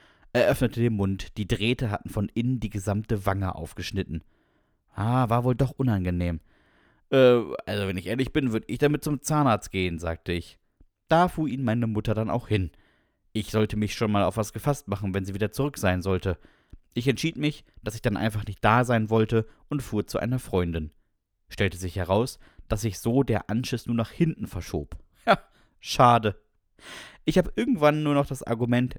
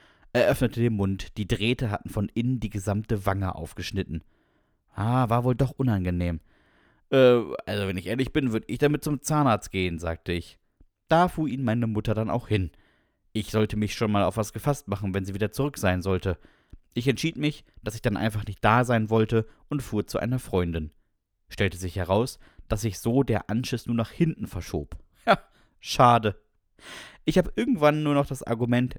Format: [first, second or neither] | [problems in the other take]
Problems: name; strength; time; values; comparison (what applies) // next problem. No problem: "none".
neither | none